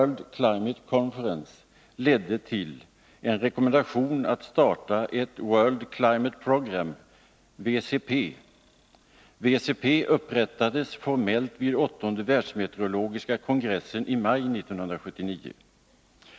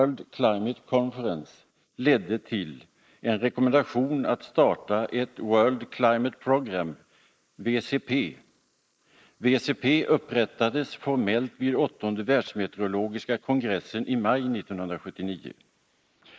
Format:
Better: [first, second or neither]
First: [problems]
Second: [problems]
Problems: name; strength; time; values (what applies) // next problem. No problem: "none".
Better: first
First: none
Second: noise reduction (neural mask model Resemble Enhance denoiser)